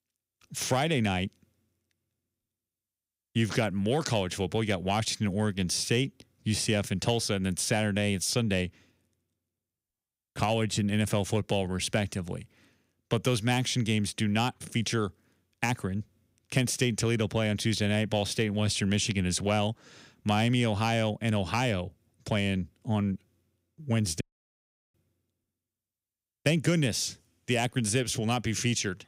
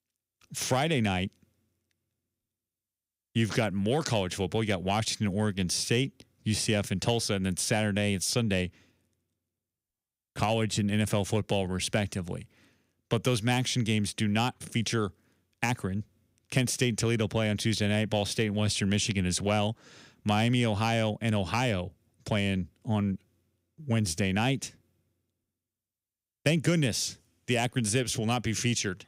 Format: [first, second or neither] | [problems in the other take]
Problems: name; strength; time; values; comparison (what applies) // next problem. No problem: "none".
second | audio cutting out; at 24 s for 0.5 s